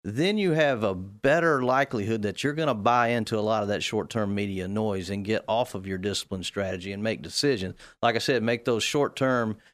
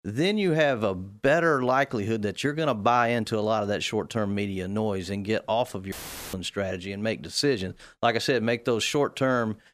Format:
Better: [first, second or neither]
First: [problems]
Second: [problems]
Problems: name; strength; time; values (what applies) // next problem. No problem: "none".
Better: first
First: none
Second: audio cutting out; filled with static; at 6 s